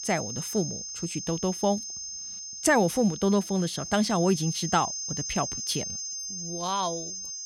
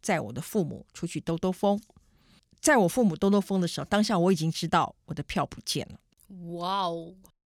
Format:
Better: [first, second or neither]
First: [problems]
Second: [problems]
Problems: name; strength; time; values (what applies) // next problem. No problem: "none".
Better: second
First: high-pitched whine; loud; throughout; 6.5 kHz, 6 dB below the speech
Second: none